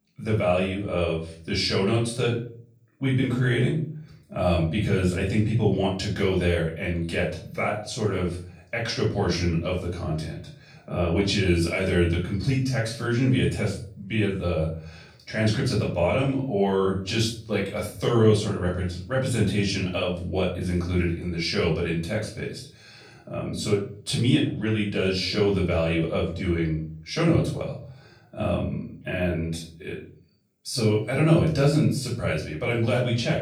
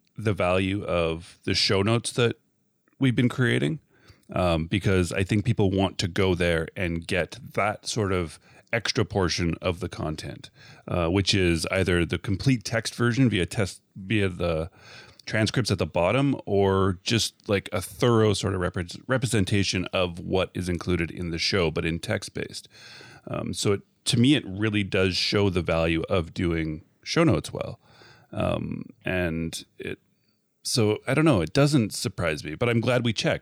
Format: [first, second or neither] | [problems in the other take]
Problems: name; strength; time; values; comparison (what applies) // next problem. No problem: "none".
second | off-mic speech; far // room echo; noticeable; dies away in 0.4 s